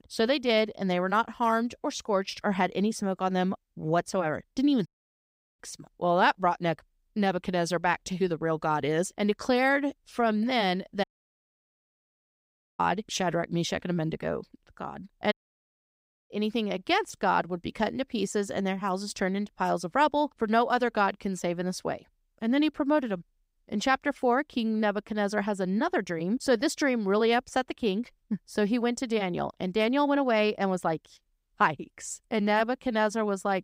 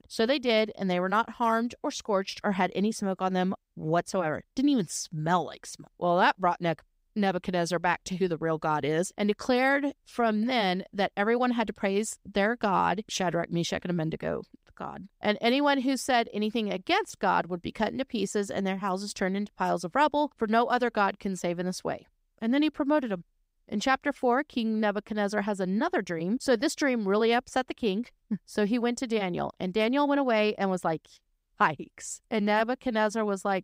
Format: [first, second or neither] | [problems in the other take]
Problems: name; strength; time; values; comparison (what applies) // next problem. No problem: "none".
second | audio cutting out; at 5 s for 0.5 s, at 11 s for 2 s and at 15 s for 1 s